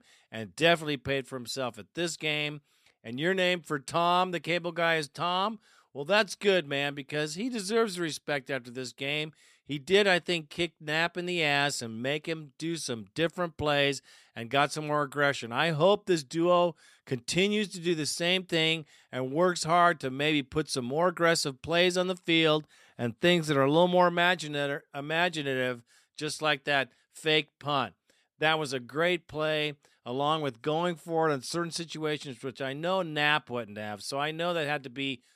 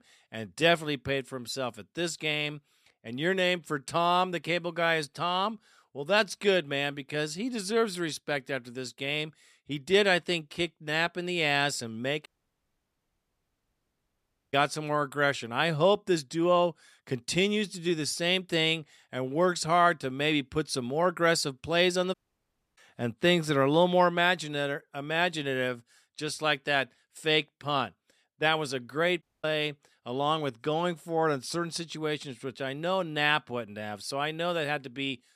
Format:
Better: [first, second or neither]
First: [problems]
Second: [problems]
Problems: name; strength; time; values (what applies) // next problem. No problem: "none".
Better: first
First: none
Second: audio cutting out; at 12 s for 2.5 s, at 22 s for 0.5 s and at 29 s